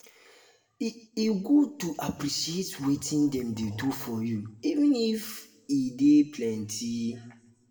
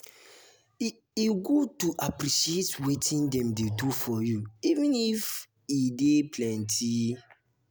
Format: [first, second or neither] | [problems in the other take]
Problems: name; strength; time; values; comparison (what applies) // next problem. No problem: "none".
second | room echo; dies away in 0.6 s